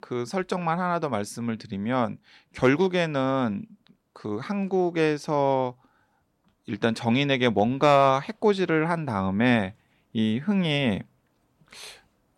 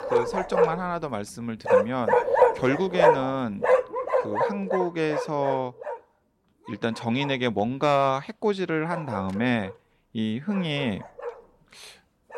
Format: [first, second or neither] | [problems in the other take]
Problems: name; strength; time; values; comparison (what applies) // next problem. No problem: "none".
first | animal sounds; very loud; throughout; 3 dB above the speech